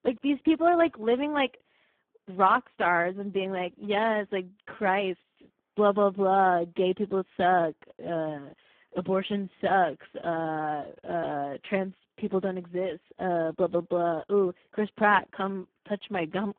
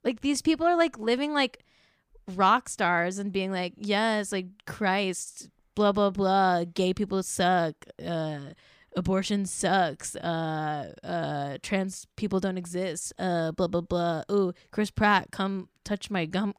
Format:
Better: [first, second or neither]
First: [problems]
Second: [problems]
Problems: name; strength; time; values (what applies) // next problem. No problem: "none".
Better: second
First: phone-call audio; poor line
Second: none